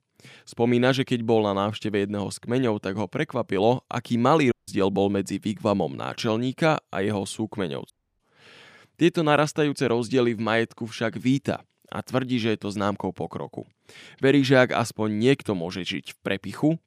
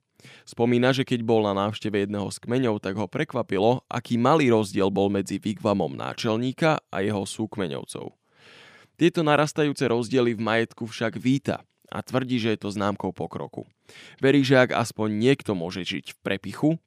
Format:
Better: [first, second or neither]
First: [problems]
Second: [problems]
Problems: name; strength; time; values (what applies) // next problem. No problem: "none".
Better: second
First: audio cutting out; at 4.5 s and at 8 s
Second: none